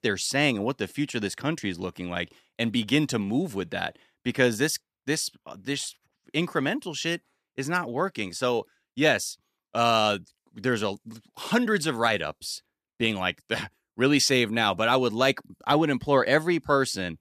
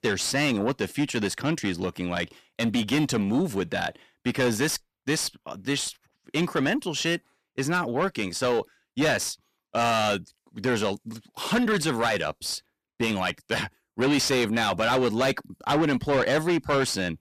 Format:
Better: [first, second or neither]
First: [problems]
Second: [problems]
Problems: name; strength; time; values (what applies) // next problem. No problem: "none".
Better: first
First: none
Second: distortion; heavy; 7 dB below the speech